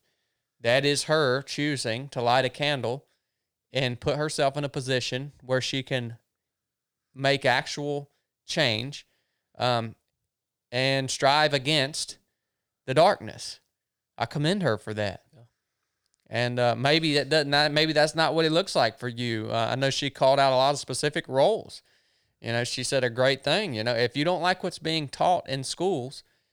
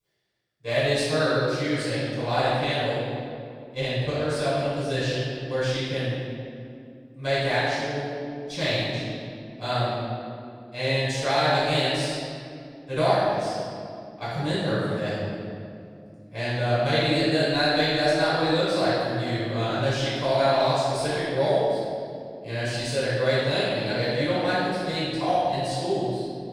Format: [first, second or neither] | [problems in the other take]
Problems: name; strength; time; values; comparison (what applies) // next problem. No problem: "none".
first | off-mic speech; far // room echo; strong; dies away in 2.3 s